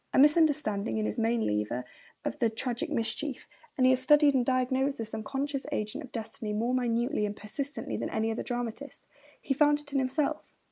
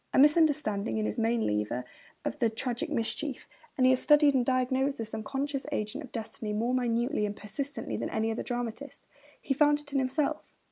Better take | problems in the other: second | noise reduction (neural mask model Resemble Enhance denoiser)

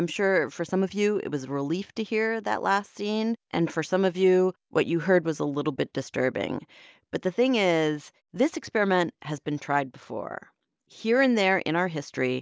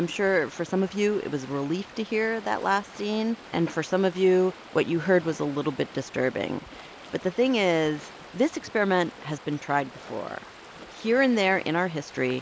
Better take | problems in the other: first | background sound (Stream); 19 dB below the speech

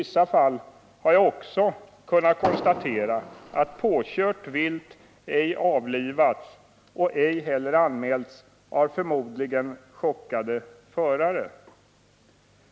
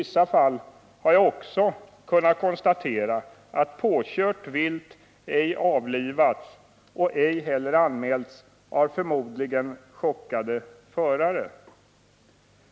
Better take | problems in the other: second | background sound (Fireworks); 10 dB below the speech

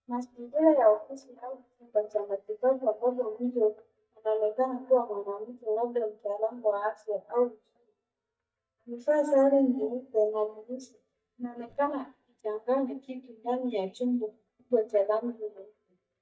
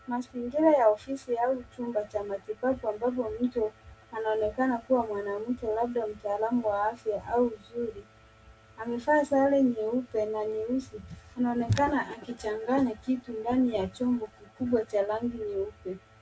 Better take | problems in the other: second | noise reduction (neural mask model DeepFilterNet 3)

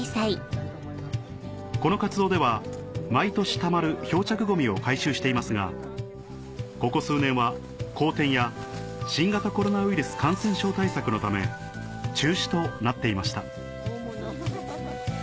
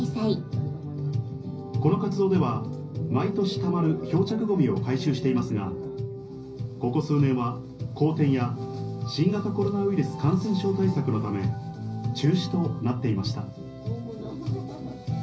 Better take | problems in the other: first | room echo; dies away in 0.5 s

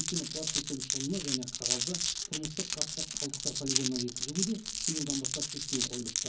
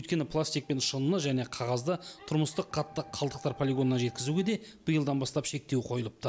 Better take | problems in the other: second | background sound (Glass); 4 dB above the speech // room echo; dies away in 0.4 s

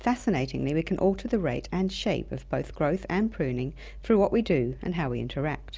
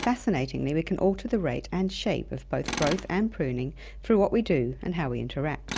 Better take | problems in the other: first | background sound (Tools); 14 dB below the speech

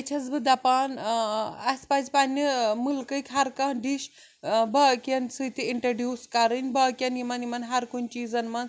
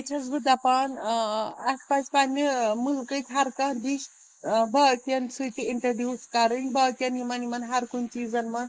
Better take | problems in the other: first | noise reduction (neural mask model Resemble Enhance denoiser)

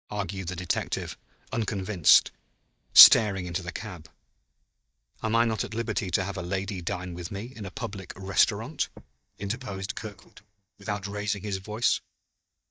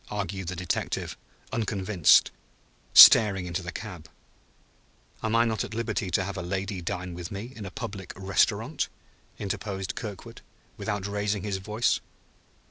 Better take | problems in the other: second | noise reduction (neural mask model DeepFilterNet 3)

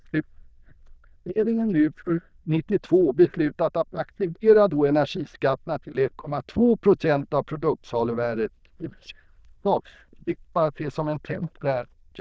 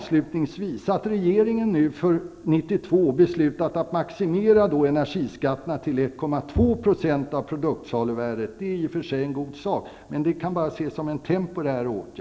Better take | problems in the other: second | noise reduction (neural diffusion model UNIVERSE++)

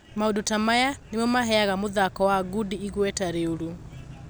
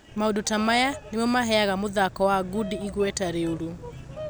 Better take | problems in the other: first | background sound (Bird vocalization, bird call, bird song); 17 dB below the speech

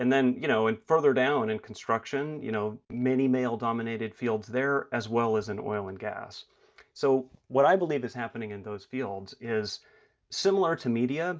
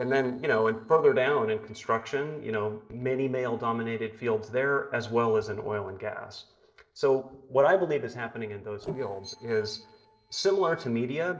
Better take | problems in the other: first | noise reduction (neural separator model SepFormer DNS4)

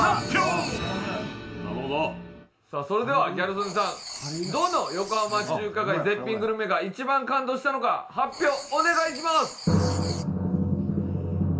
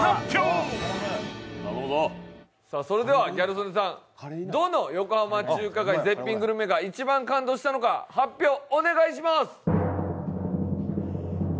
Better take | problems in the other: second | background sound (Writing); 16 dB below the speech // room echo; dies away in 0.3 s

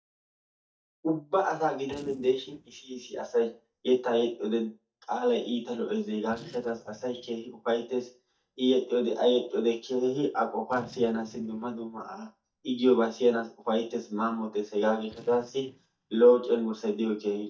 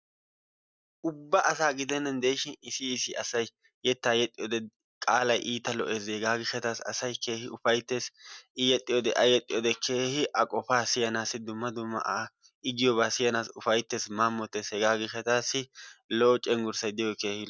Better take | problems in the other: second | noise reduction (neural mask model DeepFilterNet 3)

